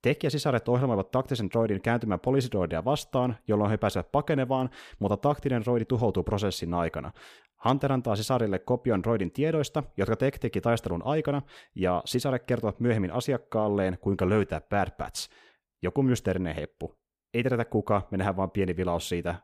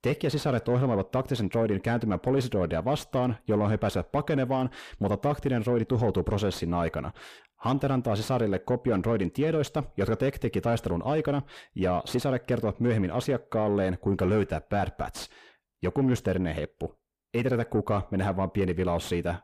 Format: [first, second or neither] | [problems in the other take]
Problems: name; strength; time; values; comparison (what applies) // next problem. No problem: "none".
first | distortion; slight; 10 dB below the speech